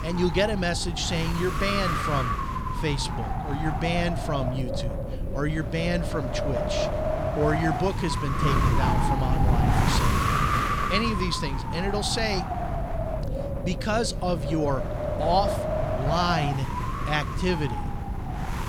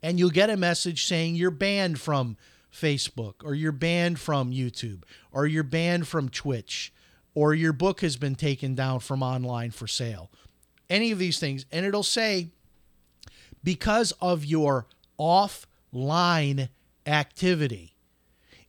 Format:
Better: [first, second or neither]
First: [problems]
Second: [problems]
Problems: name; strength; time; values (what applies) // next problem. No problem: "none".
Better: second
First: wind noise on the microphone; heavy; as loud as the speech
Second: none